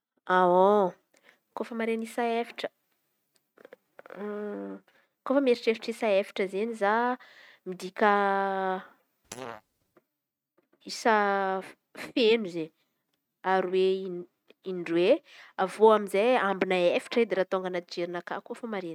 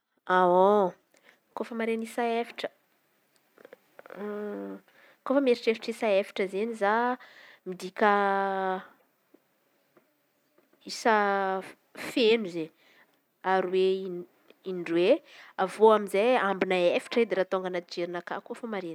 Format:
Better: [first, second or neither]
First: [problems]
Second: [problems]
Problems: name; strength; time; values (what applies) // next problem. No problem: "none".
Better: second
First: noise reduction (neural mask model RNNoise)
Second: none